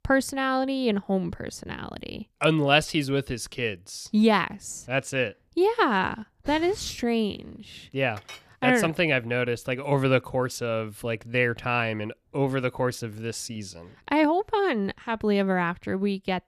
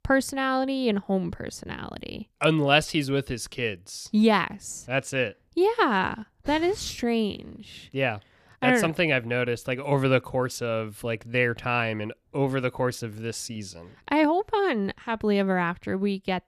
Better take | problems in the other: second | clattering dishes; faint; at 8 s; peak 20 dB below the speech

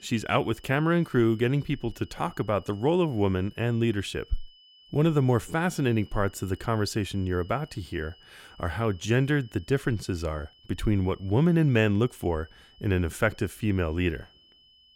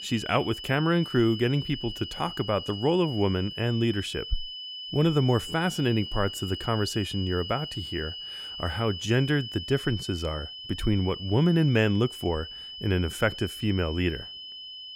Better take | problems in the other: first | high-pitched whine; loud; throughout; 3 kHz, 9 dB below the speech; faint in the first

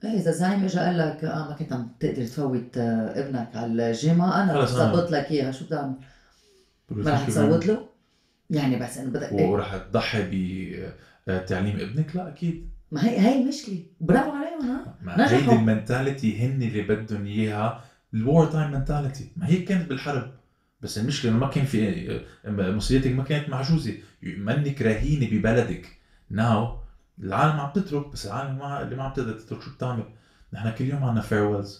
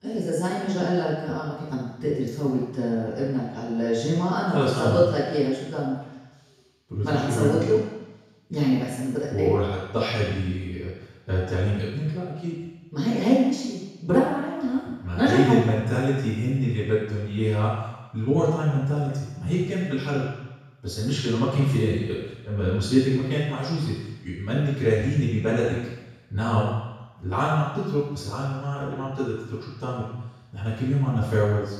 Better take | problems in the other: first | room echo; strong; dies away in 1.1 s; slight in the first // off-mic speech; far; far in the first

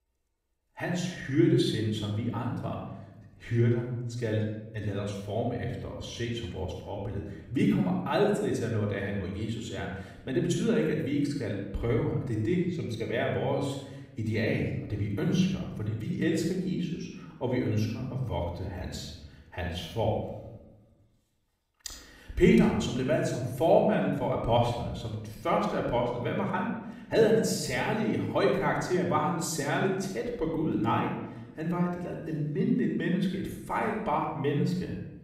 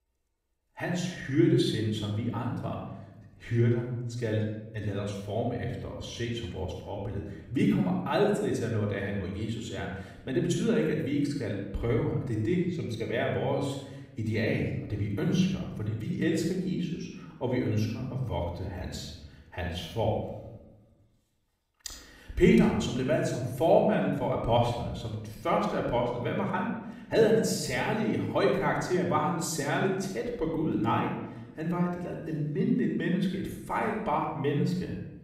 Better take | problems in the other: neither | off-mic speech; far; the same in both // room echo; noticeable; dies away in 0.8 s; the same in both

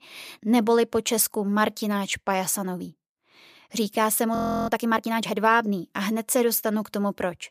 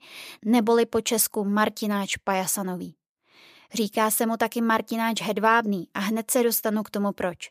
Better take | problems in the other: second | audio freezing; at 4.5 s

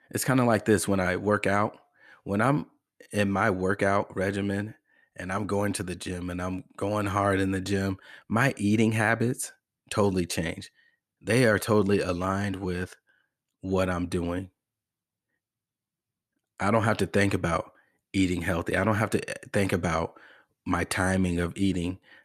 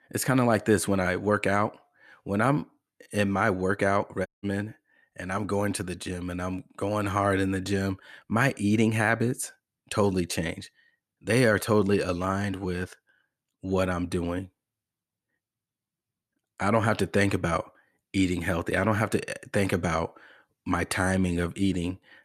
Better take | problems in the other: first | audio cutting out; at 4.5 s

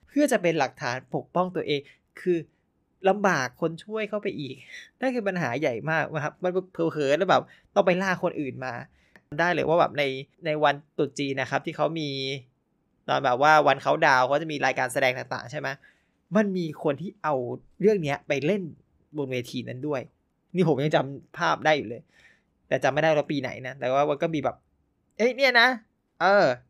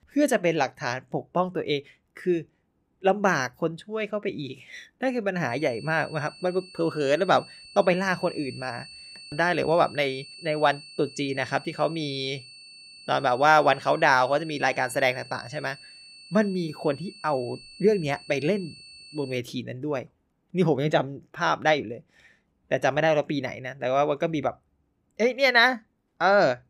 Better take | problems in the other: first | high-pitched whine; noticeable; from 5.5 to 19 s; 4.5 kHz, 20 dB below the speech

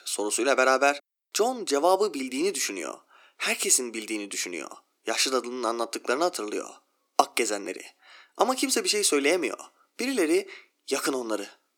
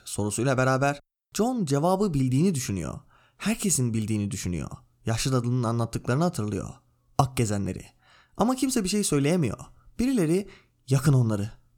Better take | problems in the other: second | thin; somewhat; fading below 300 Hz

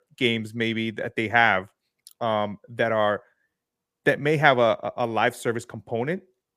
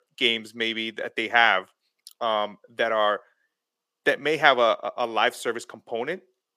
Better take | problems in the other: first | thin; somewhat; fading below 350 Hz

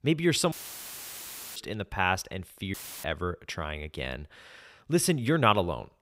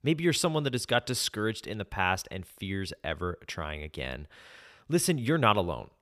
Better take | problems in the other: second | audio cutting out; filled with static; at 0.5 s for 1 s and at 2.5 s

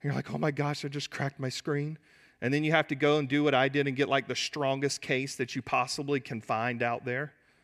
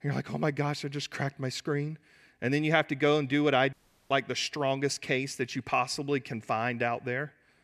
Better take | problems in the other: first | audio cutting out; at 3.5 s

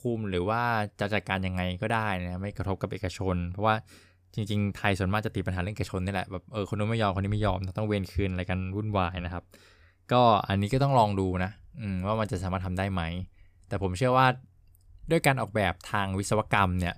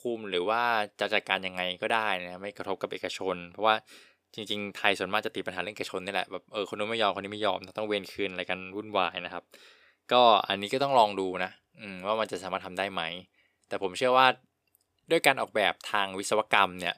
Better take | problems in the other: first | thin; somewhat; fading below 400 Hz

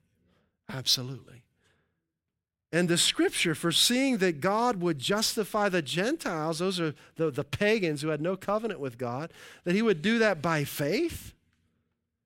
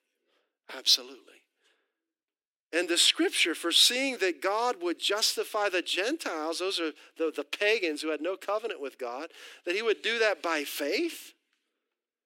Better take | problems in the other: first | thin; somewhat; fading below 300 Hz

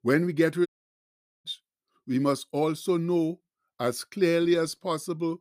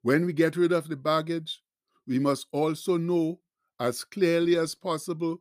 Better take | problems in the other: second | audio cutting out; at 0.5 s for 1 s

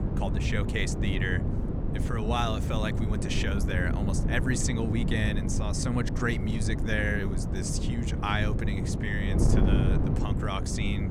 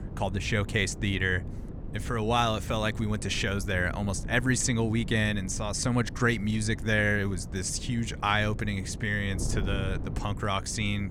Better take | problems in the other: second | wind noise on the microphone; heavy; 5 dB below the speech; occasional gusts in the second

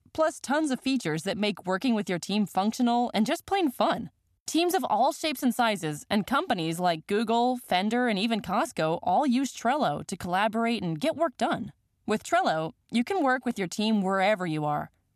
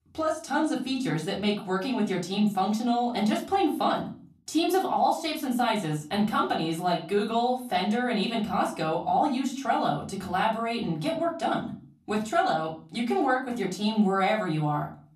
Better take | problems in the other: first | off-mic speech; far // room echo; slight; dies away in 0.4 s

